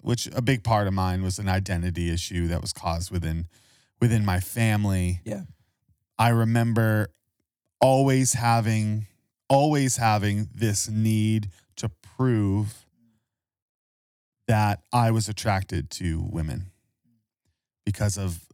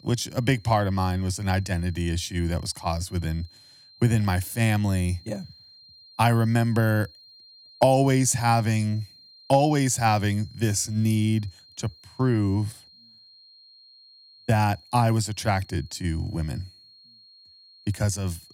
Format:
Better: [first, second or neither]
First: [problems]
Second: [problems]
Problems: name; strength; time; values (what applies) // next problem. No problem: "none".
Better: first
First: none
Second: high-pitched whine; faint; throughout; 4 kHz, 25 dB below the speech